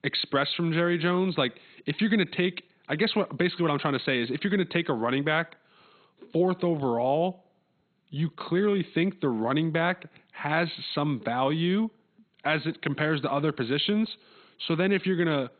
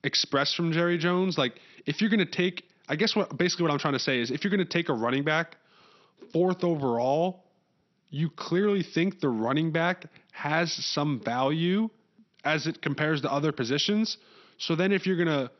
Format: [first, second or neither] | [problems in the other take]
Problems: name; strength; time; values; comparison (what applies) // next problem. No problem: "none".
second | garbled, watery; badly; nothing above 4 kHz; slightly in the second